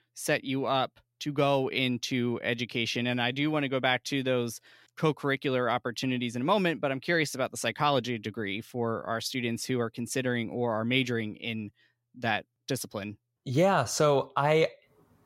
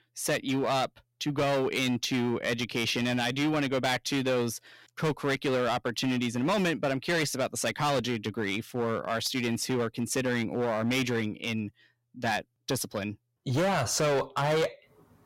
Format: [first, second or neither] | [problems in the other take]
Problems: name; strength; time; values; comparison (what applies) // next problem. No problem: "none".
first | distortion; heavy; 14% of the sound clipped